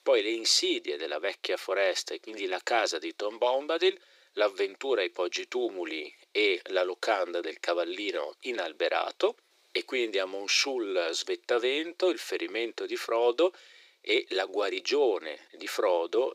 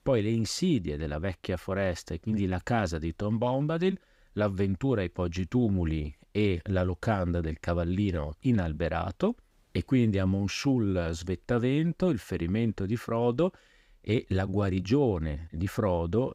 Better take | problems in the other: second | thin; very; fading below 350 Hz

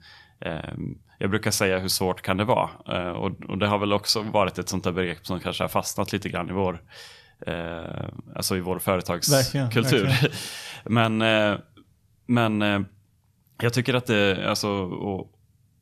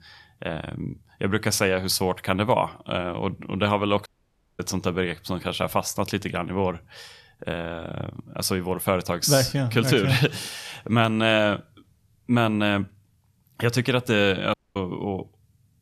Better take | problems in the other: first | audio cutting out; at 4 s for 0.5 s and at 15 s

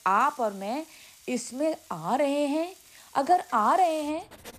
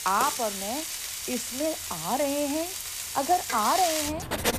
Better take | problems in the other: first | household noises; loud; throughout; 2 dB below the speech; faint in the first

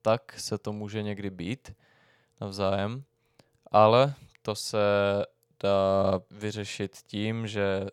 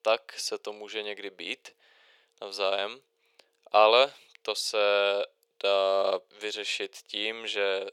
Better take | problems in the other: first | thin; very; fading below 400 Hz

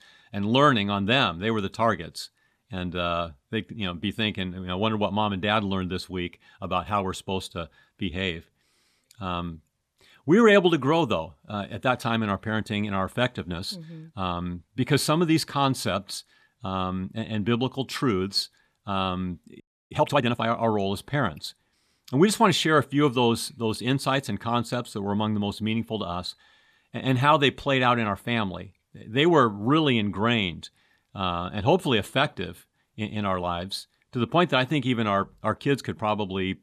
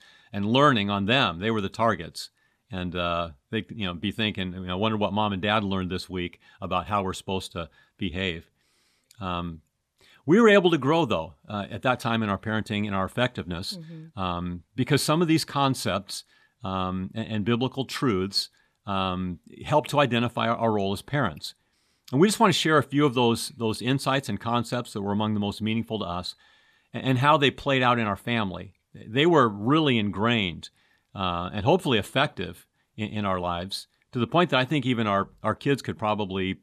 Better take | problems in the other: second | audio freezing; at 20 s

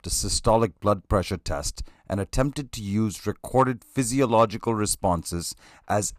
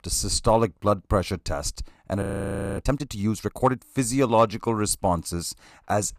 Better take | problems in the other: first | audio freezing; at 2 s for 0.5 s

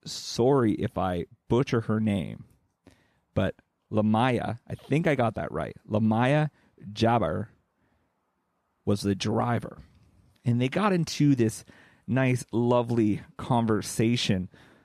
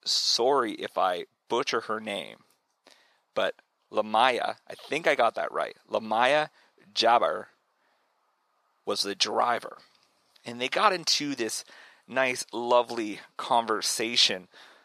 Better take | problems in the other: first | thin; very; fading below 650 Hz

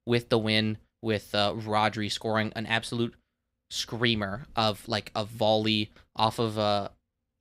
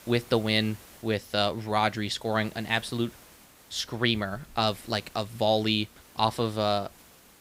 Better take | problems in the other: first | hiss; faint; throughout; 25 dB below the speech

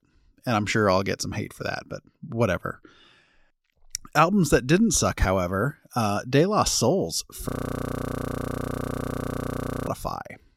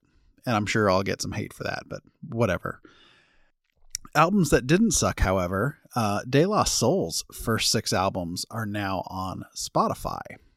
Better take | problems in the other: second | audio freezing; at 7.5 s for 2.5 s

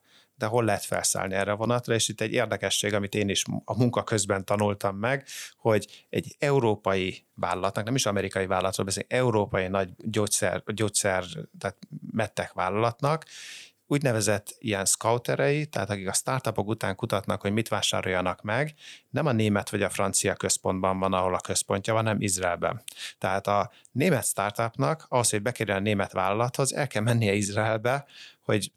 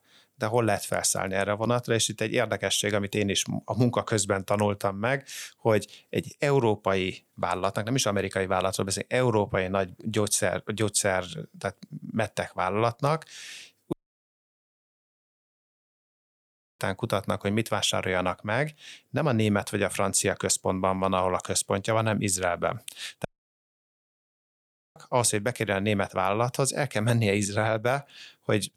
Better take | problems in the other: first | audio cutting out; at 14 s for 3 s and at 23 s for 1.5 s

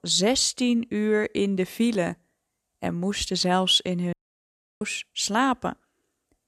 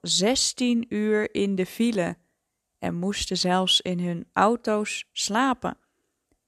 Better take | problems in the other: second | audio cutting out; at 4 s for 0.5 s

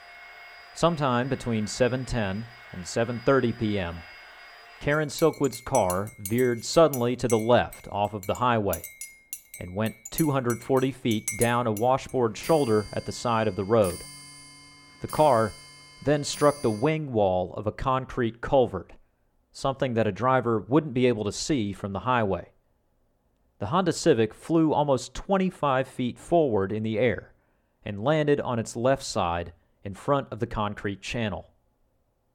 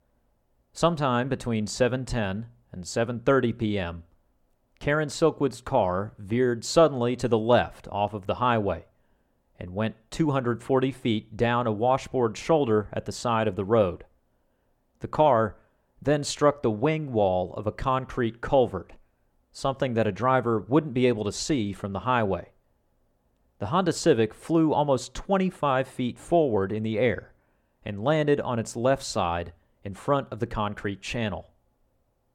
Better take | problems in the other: second | household noises; noticeable; until 17 s; 15 dB below the speech

